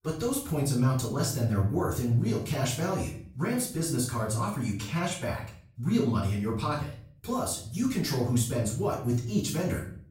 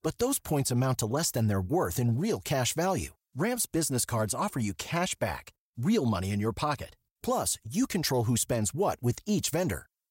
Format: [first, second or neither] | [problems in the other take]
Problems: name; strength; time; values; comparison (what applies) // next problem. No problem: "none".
second | off-mic speech; far // room echo; slight; dies away in 0.5 s